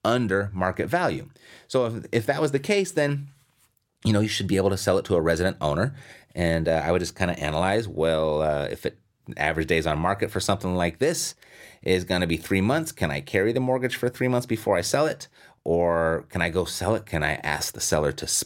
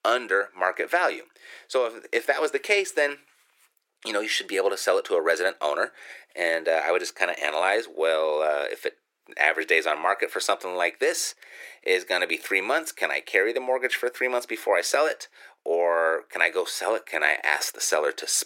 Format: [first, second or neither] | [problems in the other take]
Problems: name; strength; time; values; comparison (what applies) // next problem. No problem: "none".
first | thin; very; fading below 400 Hz